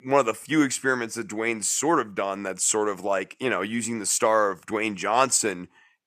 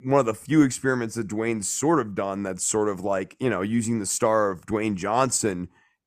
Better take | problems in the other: second | thin; very slightly; fading below 1 kHz

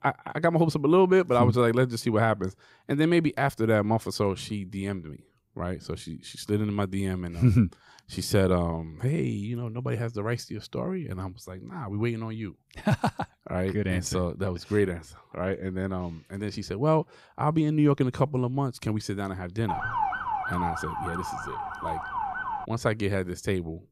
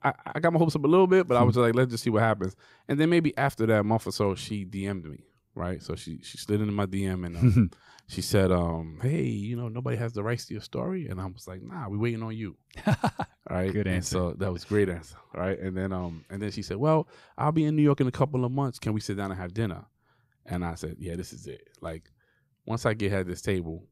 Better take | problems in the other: second | siren; noticeable; from 20 to 23 s; peak 1 dB below the speech

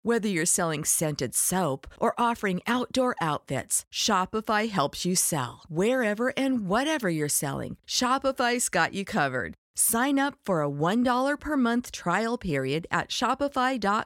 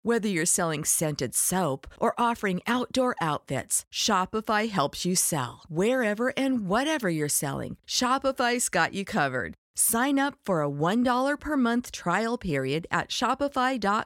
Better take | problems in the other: neither | none

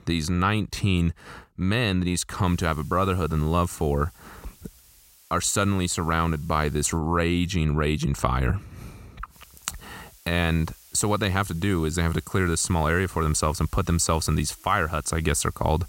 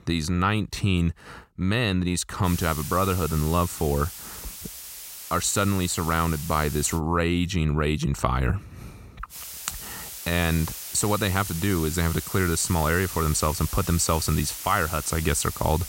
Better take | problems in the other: first | hiss; loud; from 2.5 to 7 s and from 9.5 s on; 9 dB below the speech; faint in the first

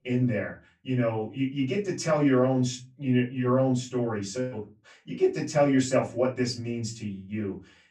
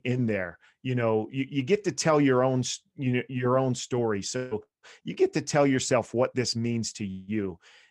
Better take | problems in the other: second | off-mic speech; far // room echo; very slight; dies away in 0.2 s

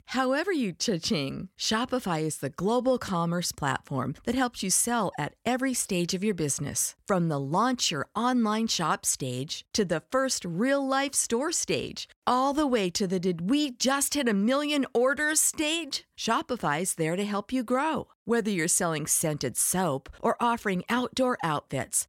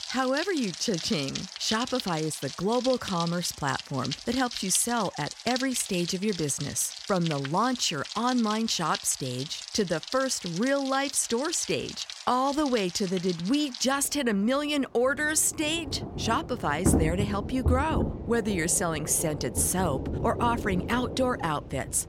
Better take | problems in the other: first | rain or running water; loud; throughout; 8 dB below the speech

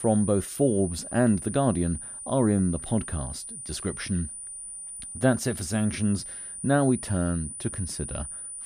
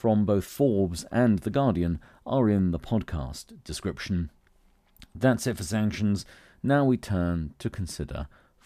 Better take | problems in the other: second | high-pitched whine; loud; throughout; 9.5 kHz, 9 dB below the speech

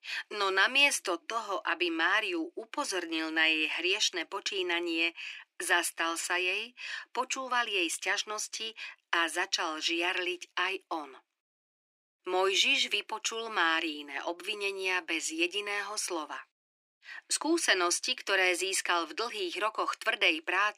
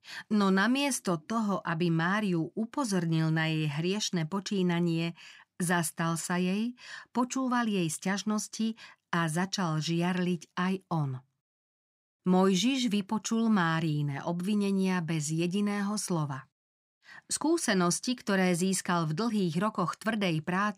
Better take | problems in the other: second | thin; very; fading below 300 Hz

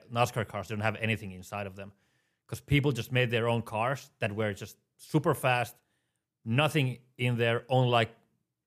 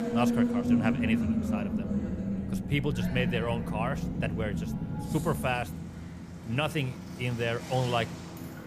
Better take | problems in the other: first | traffic noise; very loud; throughout; 1 dB above the speech

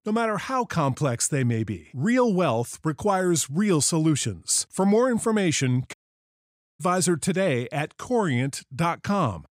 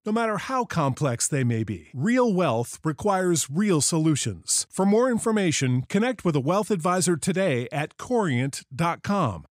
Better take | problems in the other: second | audio cutting out; at 6 s for 1 s

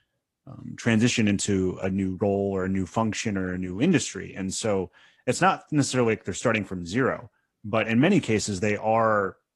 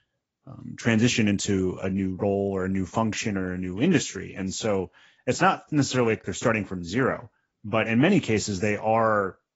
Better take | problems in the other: first | garbled, watery; badly; nothing above 7.5 kHz; slightly in the first

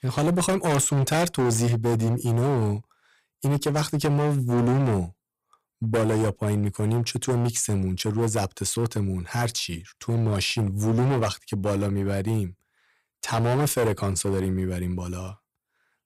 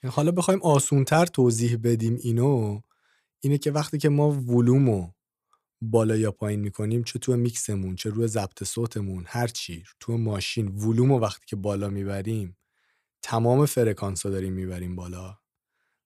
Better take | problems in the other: second | distortion; heavy; 16% of the sound clipped

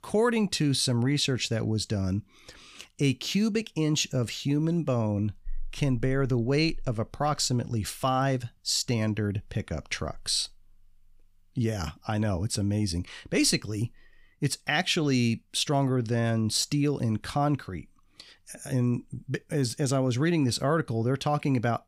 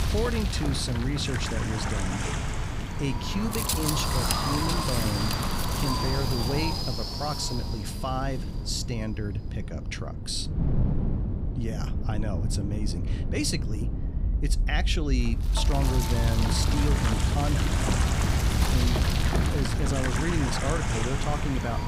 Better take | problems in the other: first | wind noise on the microphone; heavy; 2 dB above the speech

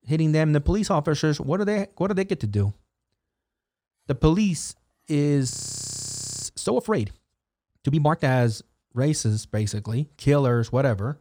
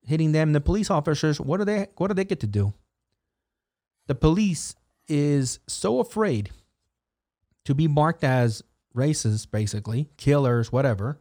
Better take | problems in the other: second | audio freezing; at 5.5 s for 1 s

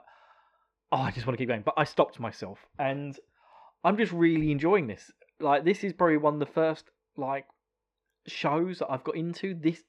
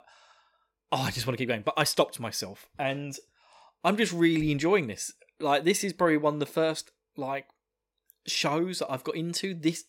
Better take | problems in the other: second | muffled; very; fading above 2 kHz

